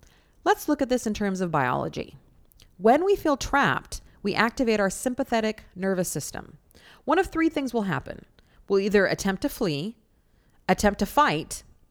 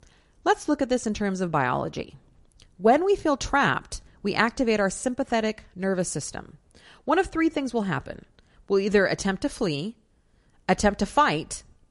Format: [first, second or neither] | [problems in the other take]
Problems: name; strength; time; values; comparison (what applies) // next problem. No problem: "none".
first | garbled, watery; slightly; nothing above 11 kHz